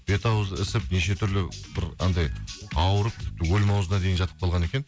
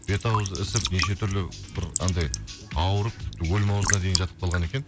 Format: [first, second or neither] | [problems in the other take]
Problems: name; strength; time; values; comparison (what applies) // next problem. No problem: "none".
first | background sound (Raindrop / Drip / Trickle, dribble); 7 dB below the speech